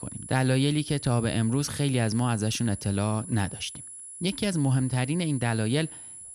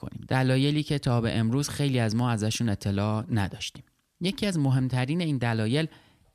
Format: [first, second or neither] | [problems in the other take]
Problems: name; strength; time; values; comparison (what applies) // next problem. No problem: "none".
second | high-pitched whine; noticeable; throughout; 10.5 kHz, 10 dB below the speech